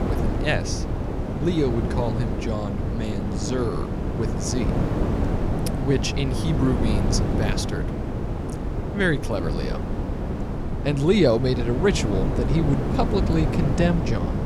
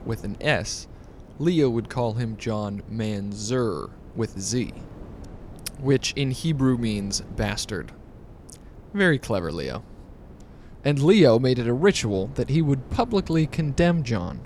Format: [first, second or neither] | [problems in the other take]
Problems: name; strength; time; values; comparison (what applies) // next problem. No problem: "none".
second | wind noise on the microphone; heavy; 4 dB below the speech; occasional gusts in the second